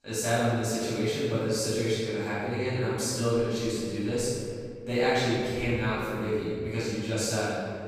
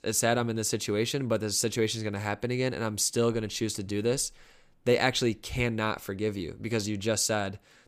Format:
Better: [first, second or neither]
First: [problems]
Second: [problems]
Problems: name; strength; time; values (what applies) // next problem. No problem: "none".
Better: second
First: off-mic speech; far // room echo; strong; dies away in 2 s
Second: none